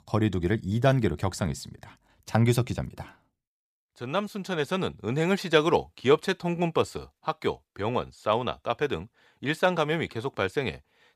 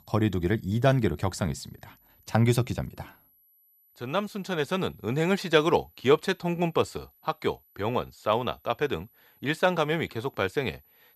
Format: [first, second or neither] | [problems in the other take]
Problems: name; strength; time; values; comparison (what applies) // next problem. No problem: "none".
first | high-pitched whine; faint; throughout; 12 kHz, 30 dB below the speech